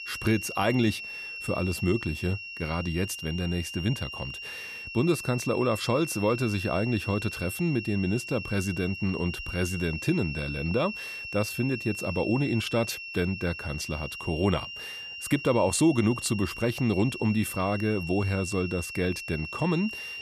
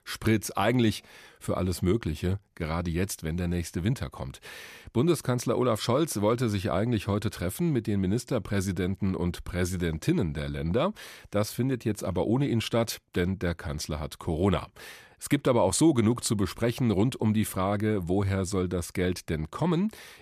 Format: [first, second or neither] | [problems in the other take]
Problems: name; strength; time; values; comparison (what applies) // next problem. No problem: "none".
second | high-pitched whine; loud; throughout; 2.5 kHz, 8 dB below the speech